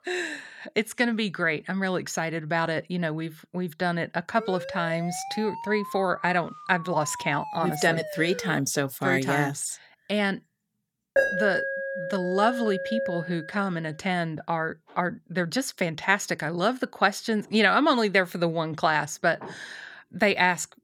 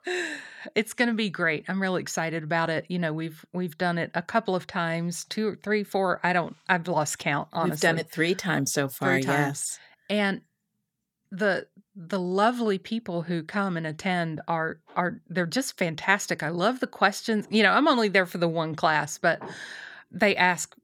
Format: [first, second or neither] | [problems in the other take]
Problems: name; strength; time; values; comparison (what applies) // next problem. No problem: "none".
second | siren; noticeable; from 4.5 to 8.5 s; peak 10 dB below the speech // alarm; loud; from 11 to 13 s; peak 3 dB above the speech